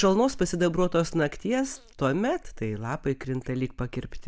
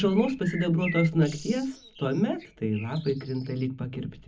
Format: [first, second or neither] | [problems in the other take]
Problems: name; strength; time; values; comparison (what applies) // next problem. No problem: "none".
first | background sound (Bird); 15 dB below the speech // room echo; dies away in 0.4 s